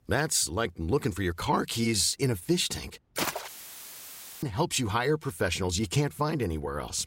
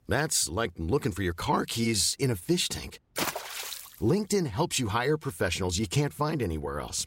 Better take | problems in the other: second | audio cutting out; filled with static; at 3.5 s for 1 s

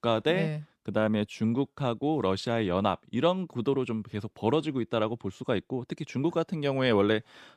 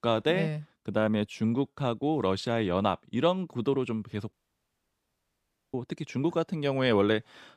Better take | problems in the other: first | audio cutting out; at 4.5 s for 1.5 s

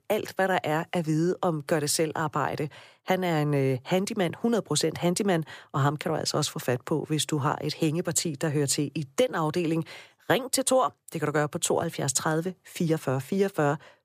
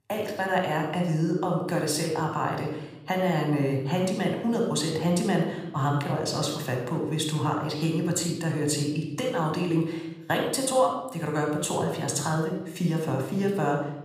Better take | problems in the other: first | room echo; noticeable; dies away in 0.8 s

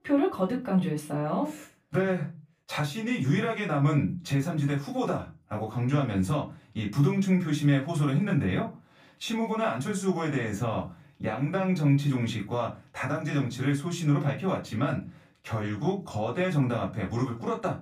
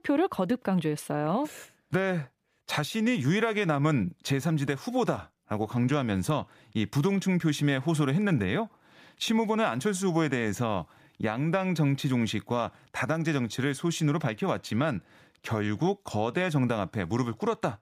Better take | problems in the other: second | off-mic speech; far // room echo; very slight; dies away in 0.2 s

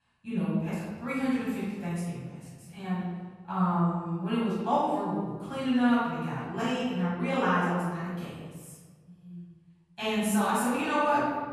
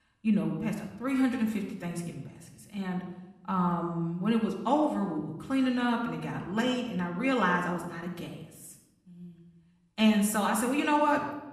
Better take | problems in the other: second | room echo; strong; dies away in 1.3 s; slight in the second // off-mic speech; far; far in the second

